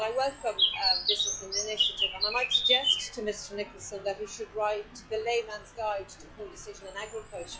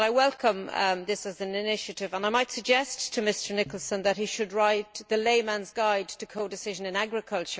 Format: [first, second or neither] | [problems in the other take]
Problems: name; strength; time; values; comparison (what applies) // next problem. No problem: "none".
second | noise reduction (classical method log-MMSE)